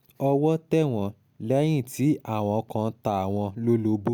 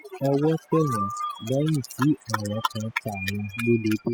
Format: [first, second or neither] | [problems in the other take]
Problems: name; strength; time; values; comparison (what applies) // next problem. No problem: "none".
first | noise reduction (classical method spectral subtraction)